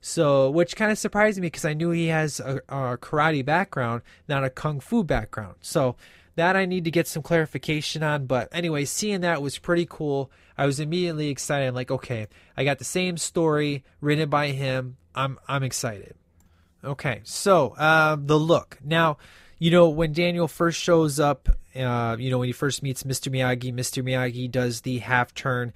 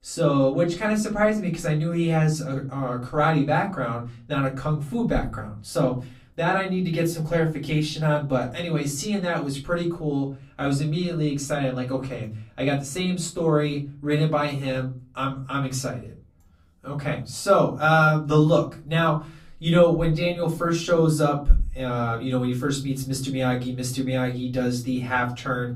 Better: first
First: none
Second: off-mic speech; far // room echo; very slight; dies away in 0.4 s

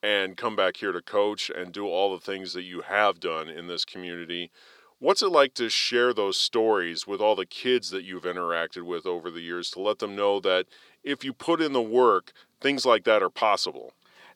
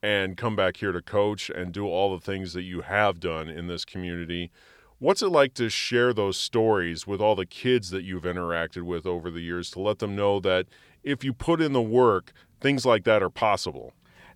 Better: second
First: thin; very slightly; fading below 350 Hz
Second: none

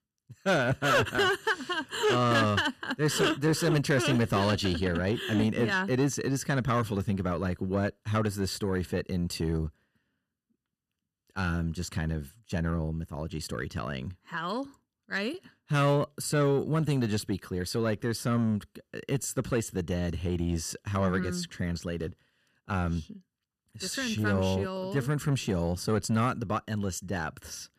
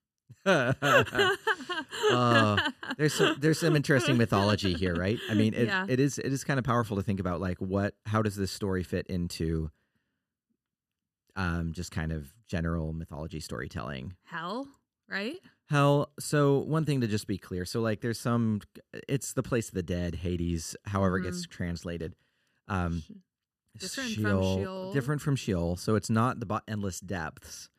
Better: second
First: distortion; slight; 10 dB below the speech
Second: none

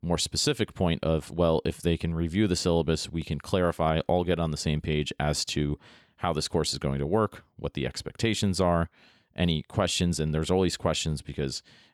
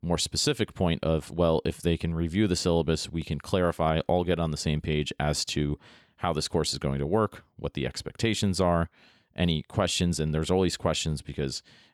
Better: neither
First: none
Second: none

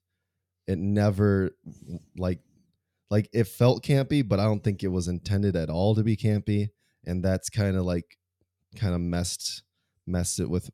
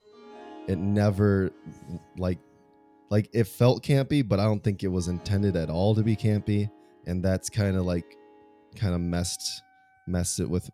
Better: first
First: none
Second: background music; faint; throughout; 25 dB below the speech

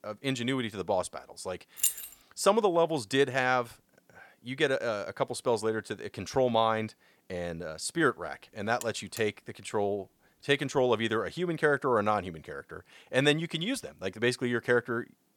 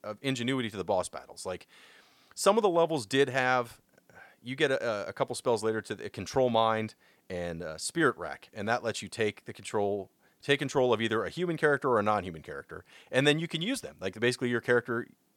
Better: second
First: jangling keys; loud; at 2 s; peak 1 dB above the speech // alarm; faint; at 9 s; peak 15 dB below the speech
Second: none

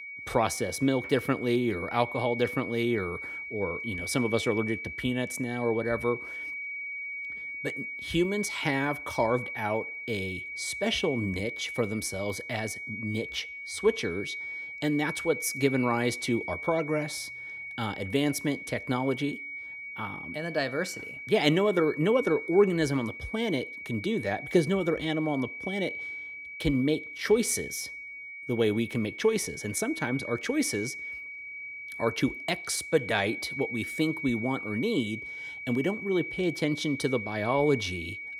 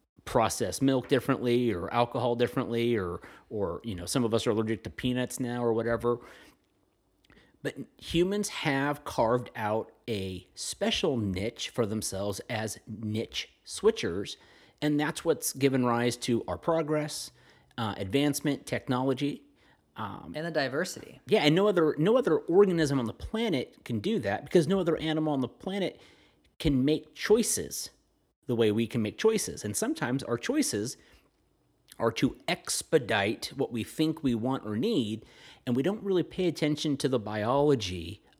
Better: second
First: high-pitched whine; loud; throughout; 2.5 kHz, 7 dB below the speech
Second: none

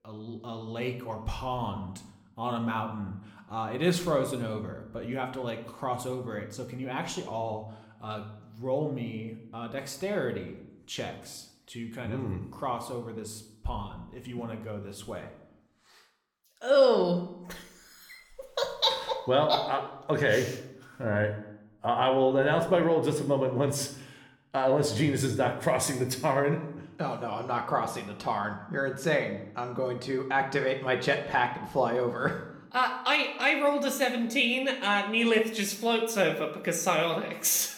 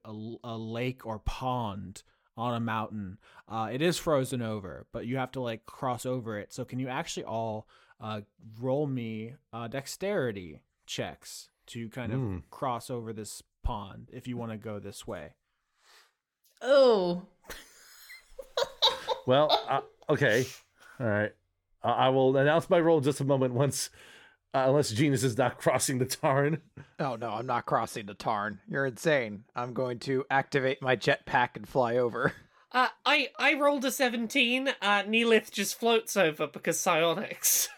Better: second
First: room echo; slight; dies away in 0.6 s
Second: none

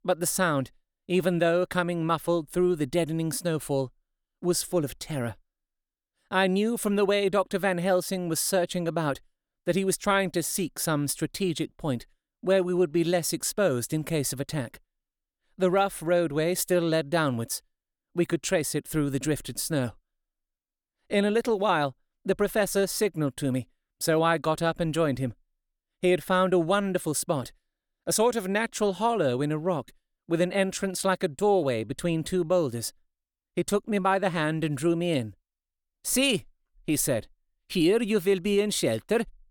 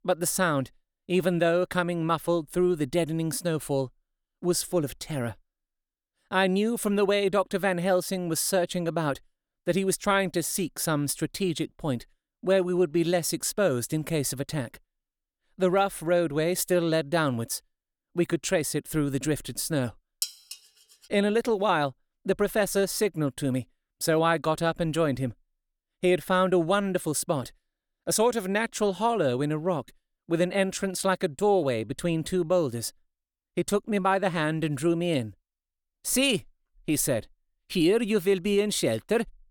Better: first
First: none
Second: clattering dishes; noticeable; at 20 s; peak 6 dB below the speech

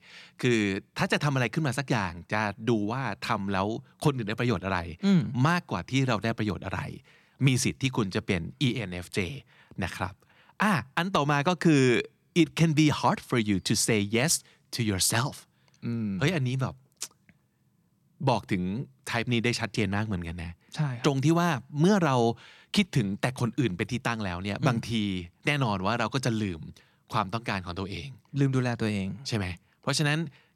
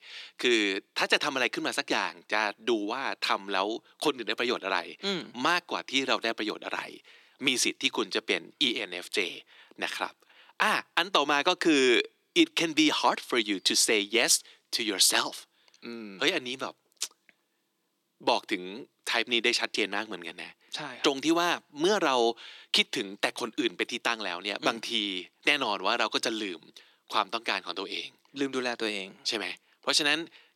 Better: first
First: none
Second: thin; somewhat; fading below 300 Hz

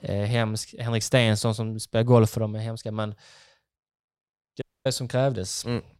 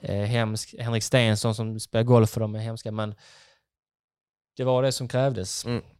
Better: second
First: audio cutting out; at 4.5 s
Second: none

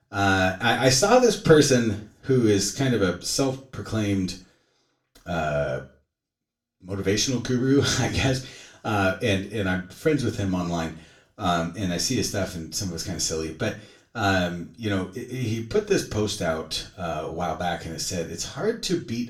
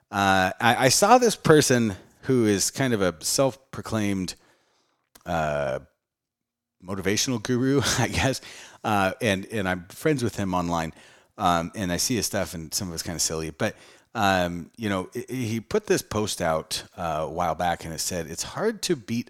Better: second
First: room echo; slight; dies away in 0.3 s // off-mic speech; far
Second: none

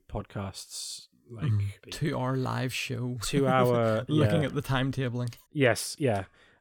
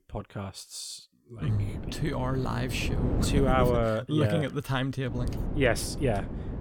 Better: first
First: none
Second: wind noise on the microphone; heavy; from 1.5 to 4 s and from 5 s on; 10 dB below the speech

